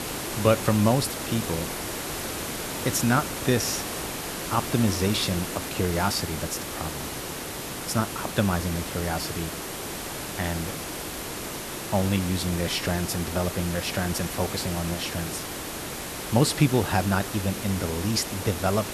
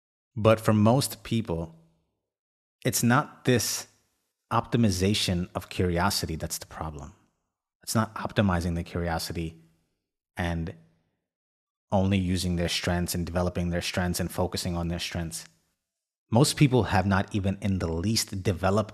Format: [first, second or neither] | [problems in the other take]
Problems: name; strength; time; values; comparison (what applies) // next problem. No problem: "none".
second | hiss; loud; throughout; 5 dB below the speech